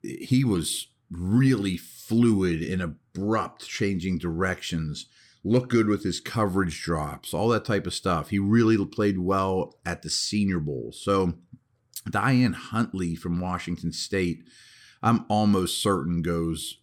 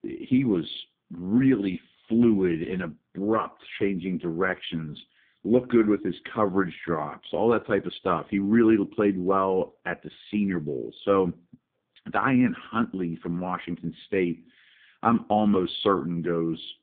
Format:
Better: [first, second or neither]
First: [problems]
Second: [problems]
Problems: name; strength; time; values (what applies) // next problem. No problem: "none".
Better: first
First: none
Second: phone-call audio; poor line; nothing above 3.5 kHz